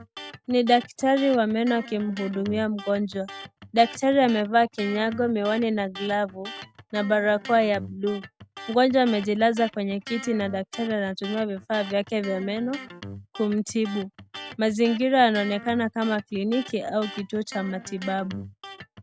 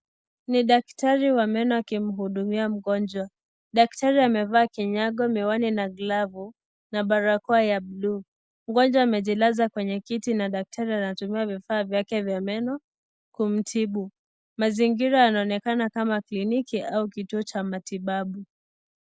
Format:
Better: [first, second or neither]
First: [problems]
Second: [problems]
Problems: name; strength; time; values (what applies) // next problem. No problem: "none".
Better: second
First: background sound (Electric guitar); 16 dB below the speech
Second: none